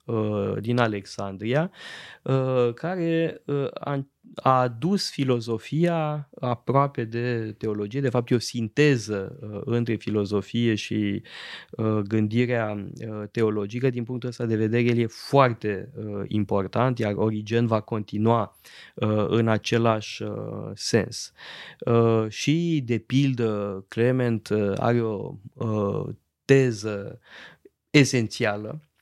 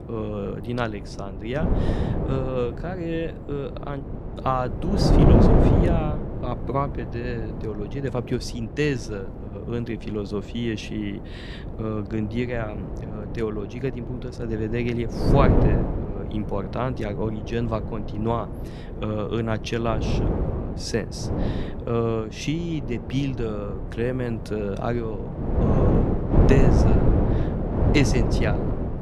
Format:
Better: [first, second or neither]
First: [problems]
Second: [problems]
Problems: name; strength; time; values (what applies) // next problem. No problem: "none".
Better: first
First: none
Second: wind noise on the microphone; heavy; 1 dB below the speech